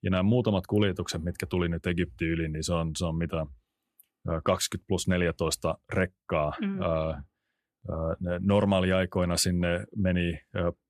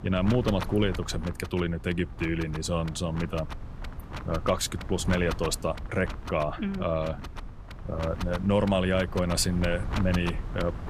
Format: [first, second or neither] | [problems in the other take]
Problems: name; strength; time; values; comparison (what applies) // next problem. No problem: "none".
first | wind noise on the microphone; occasional gusts; 10 dB below the speech